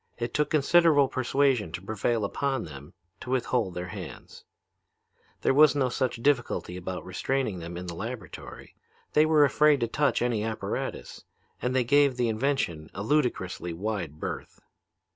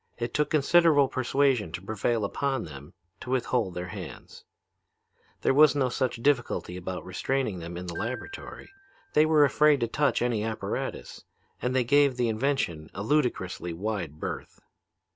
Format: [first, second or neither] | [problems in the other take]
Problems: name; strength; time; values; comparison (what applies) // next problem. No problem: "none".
first | background sound (Glockenspiel); 19 dB below the speech